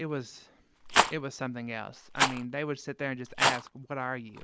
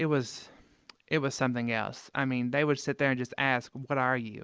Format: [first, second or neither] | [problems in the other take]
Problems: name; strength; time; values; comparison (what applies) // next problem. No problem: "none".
second | background sound (Rattle); 3 dB above the speech